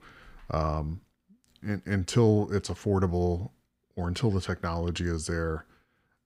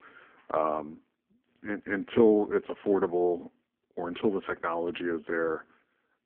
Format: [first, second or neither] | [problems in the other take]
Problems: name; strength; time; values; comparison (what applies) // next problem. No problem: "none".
first | phone-call audio; poor line